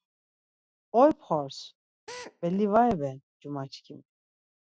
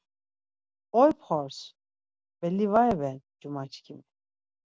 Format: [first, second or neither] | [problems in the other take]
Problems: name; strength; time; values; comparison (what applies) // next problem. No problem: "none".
second | noise reduction (classical method Wiener filter)